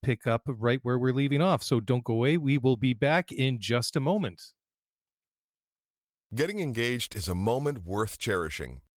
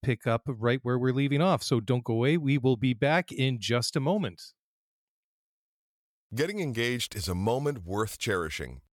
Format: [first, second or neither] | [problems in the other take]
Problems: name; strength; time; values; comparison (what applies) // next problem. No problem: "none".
second | garbled, watery; slightly; nothing above 18.5 kHz